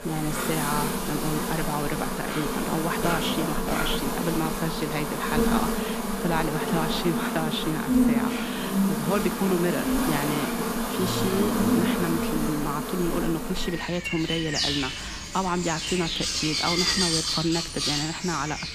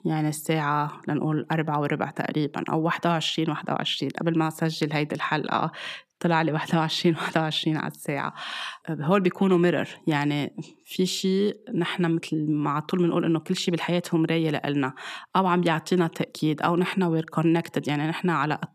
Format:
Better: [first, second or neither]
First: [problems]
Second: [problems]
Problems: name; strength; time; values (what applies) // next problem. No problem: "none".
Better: second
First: animal sounds; very loud; throughout; 2 dB above the speech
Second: none